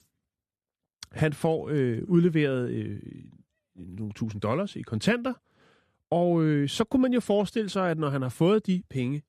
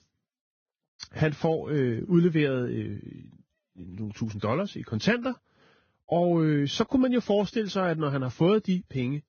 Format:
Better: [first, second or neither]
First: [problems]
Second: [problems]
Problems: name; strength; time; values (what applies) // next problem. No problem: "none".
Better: first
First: none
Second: garbled, watery; badly; nothing above 6.5 kHz